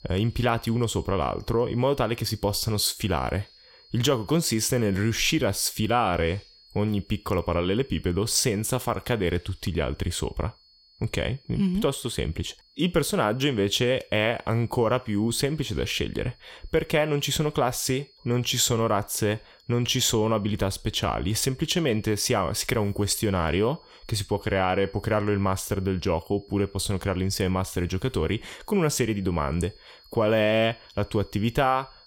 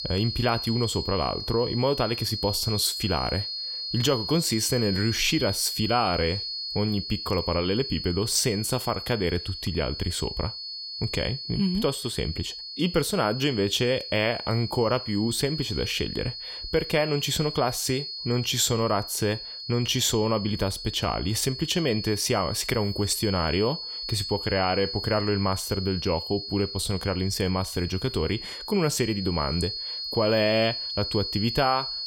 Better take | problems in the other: first | high-pitched whine; loud; throughout; 4.5 kHz, 6 dB below the speech; faint in the first

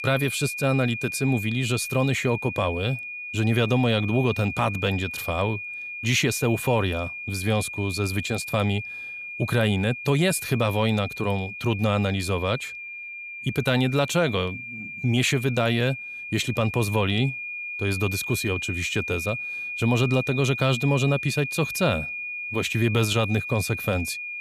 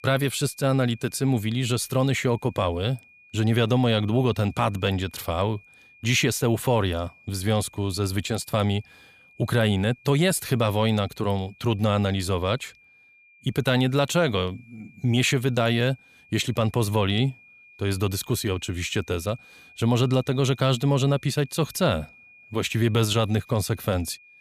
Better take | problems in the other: second | high-pitched whine; loud; throughout; 2.5 kHz, 7 dB below the speech; faint in the second

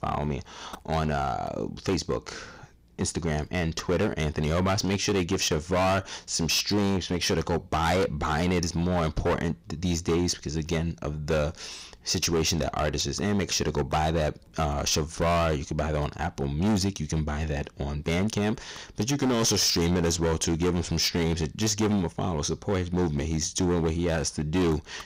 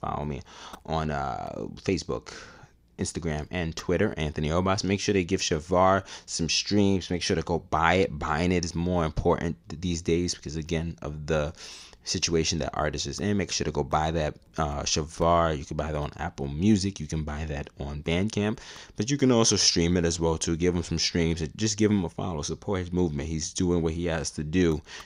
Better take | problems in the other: second | distortion; heavy; 13% of the sound clipped

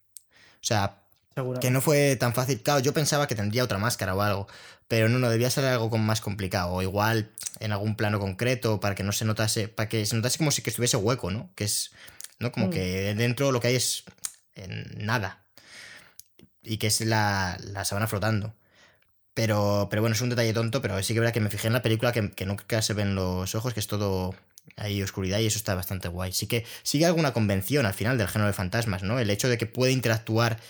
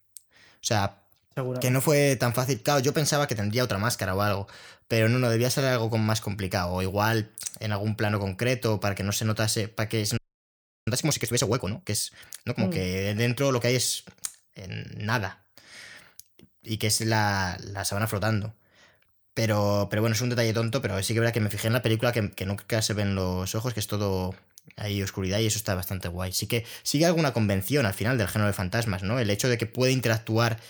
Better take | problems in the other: first | audio freezing; at 10 s for 0.5 s

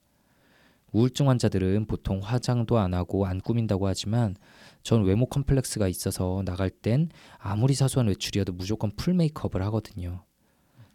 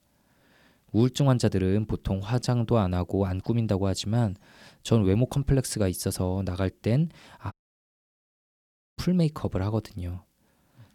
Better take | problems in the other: first | audio cutting out; at 7.5 s for 1.5 s

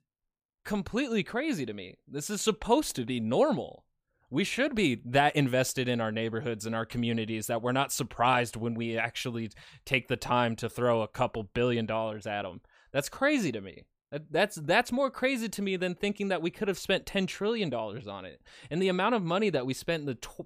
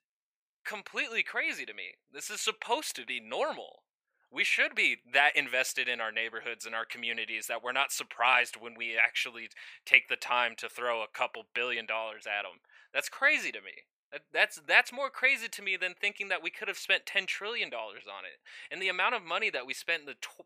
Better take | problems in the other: first | thin; very; fading below 650 Hz

